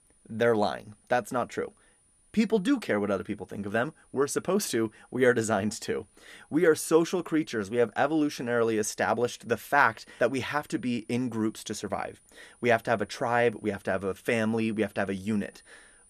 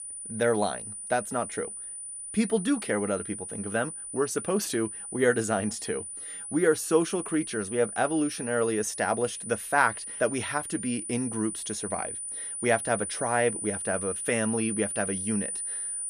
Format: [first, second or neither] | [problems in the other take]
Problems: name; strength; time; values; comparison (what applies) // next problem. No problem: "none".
first | high-pitched whine; loud; throughout; 9.5 kHz, 5 dB below the speech; faint in the first